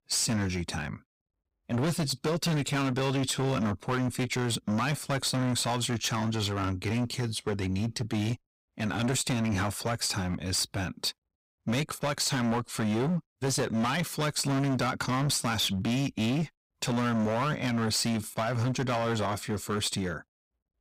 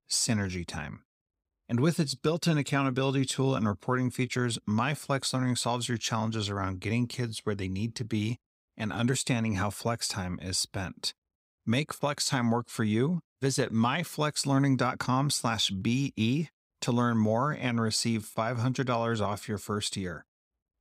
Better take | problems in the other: second | distortion; heavy; 20% of the sound clipped

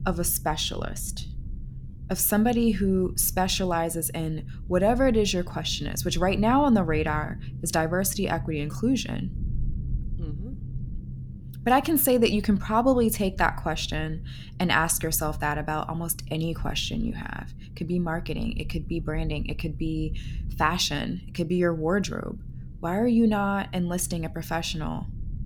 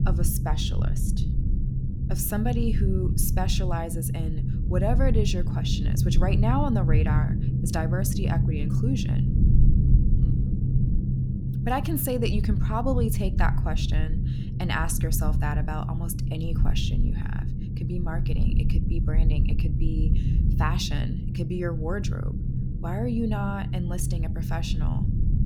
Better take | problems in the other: first | low rumble; loud; throughout; 6 dB below the speech; faint in the first

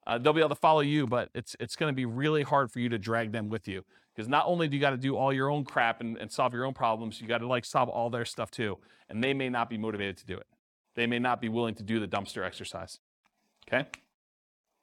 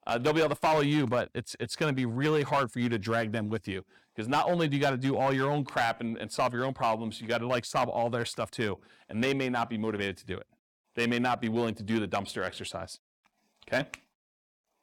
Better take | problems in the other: first | distortion; slight; 4% of the sound clipped

